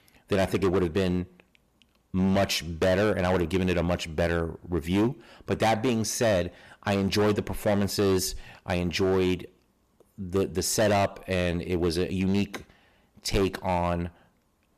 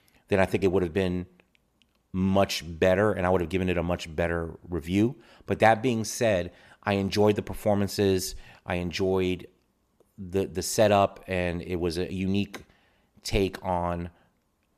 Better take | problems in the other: second | distortion; heavy; 11% of the sound clipped

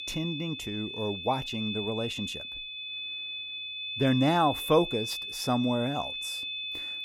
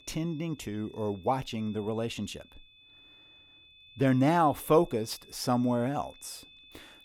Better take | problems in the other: second | high-pitched whine; loud; throughout; 3.5 kHz, 5 dB below the speech; faint in the second

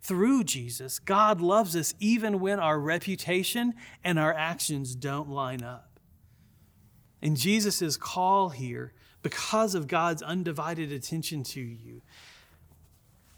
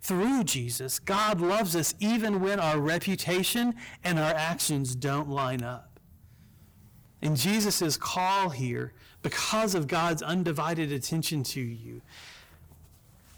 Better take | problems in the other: first | distortion; heavy; 17% of the sound clipped

